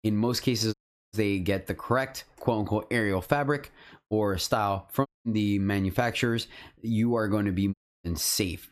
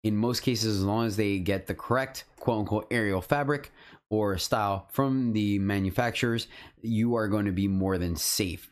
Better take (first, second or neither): second